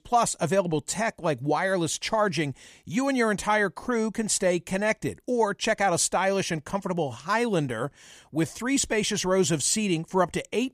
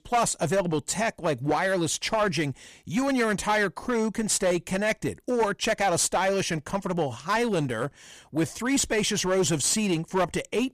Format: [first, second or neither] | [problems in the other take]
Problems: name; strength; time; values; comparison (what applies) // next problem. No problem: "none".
first | distortion; slight; 9% of the sound clipped